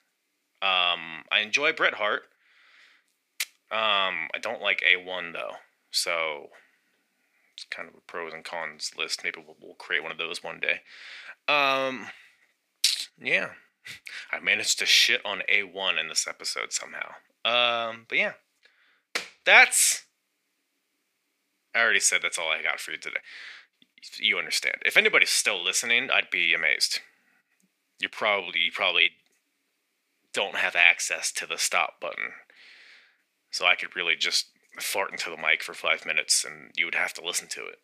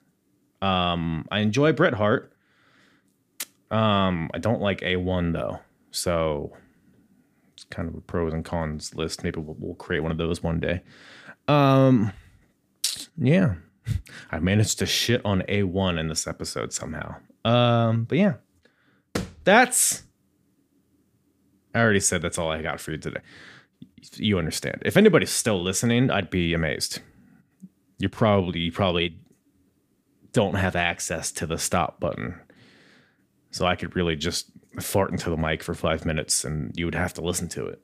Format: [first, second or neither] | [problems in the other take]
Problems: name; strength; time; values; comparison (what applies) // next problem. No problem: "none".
second | thin; very; fading below 650 Hz